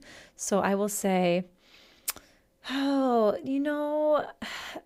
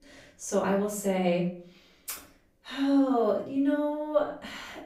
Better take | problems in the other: first | off-mic speech; far // room echo; slight; dies away in 0.4 s

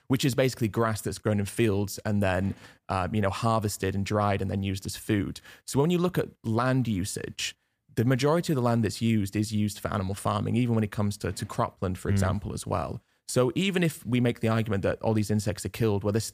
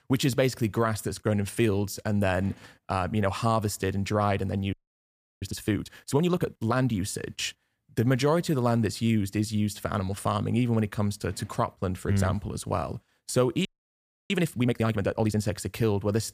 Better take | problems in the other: first | audio freezing; at 4.5 s for 0.5 s and at 14 s for 0.5 s

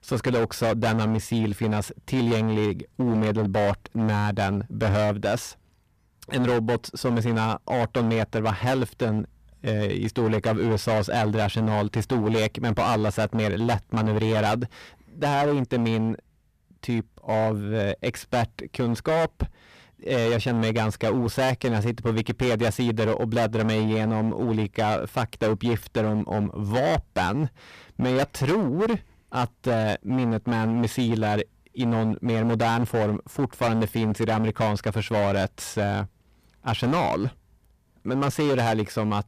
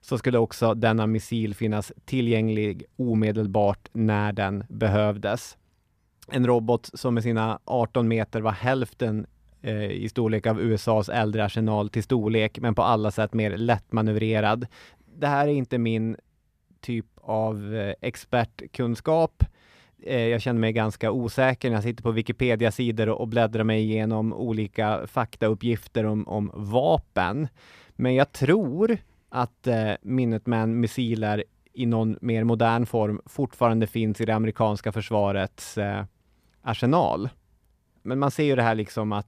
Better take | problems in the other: second | distortion; heavy; 18% of the sound clipped

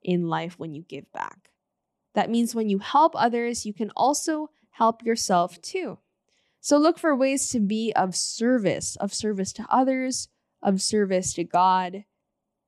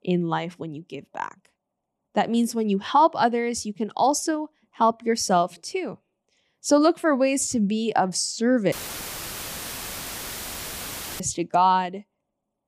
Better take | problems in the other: first | audio cutting out; filled with static; at 8.5 s for 2.5 s

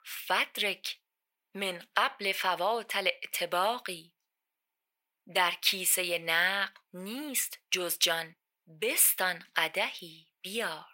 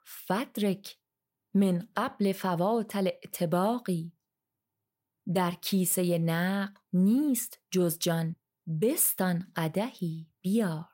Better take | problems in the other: second | thin; very; fading below 650 Hz

